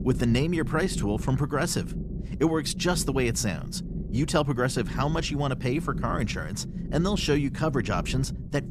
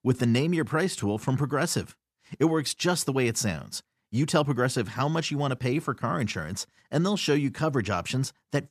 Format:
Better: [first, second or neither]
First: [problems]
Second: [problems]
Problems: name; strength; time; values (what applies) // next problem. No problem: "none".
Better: second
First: low rumble; noticeable; throughout; 15 dB below the speech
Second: none